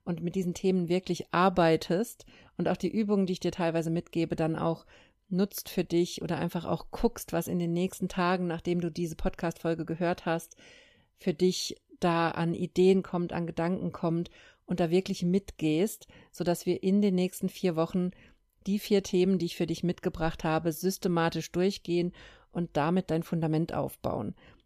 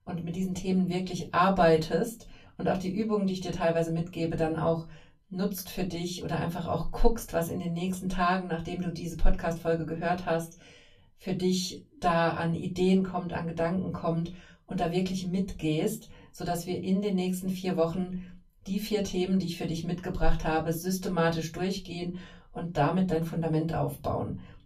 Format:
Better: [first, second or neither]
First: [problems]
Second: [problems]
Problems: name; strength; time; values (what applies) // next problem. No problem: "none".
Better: first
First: none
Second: off-mic speech; far // room echo; very slight; dies away in 0.2 s